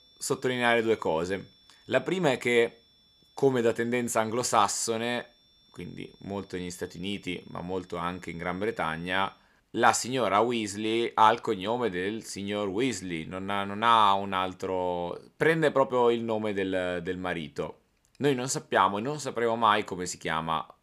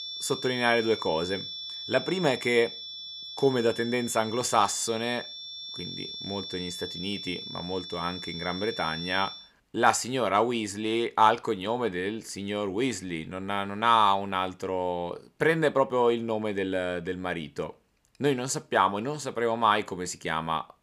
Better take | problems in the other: first | high-pitched whine; loud; until 9.5 s; 3.5 kHz, 9 dB below the speech; faint in the first

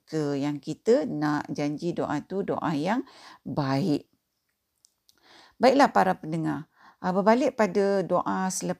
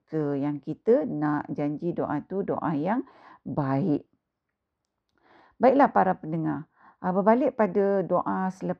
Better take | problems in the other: first | muffled; very; fading above 3.5 kHz

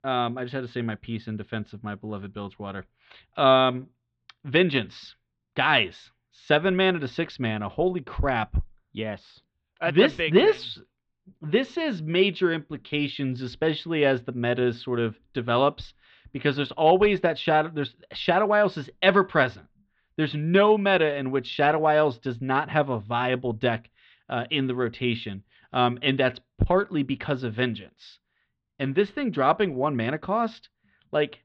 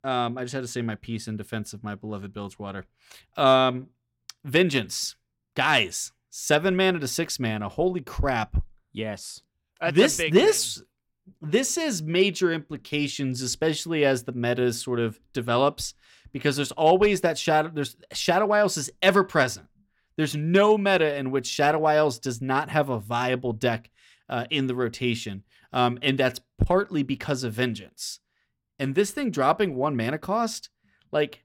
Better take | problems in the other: second | muffled; very; fading above 3.5 kHz

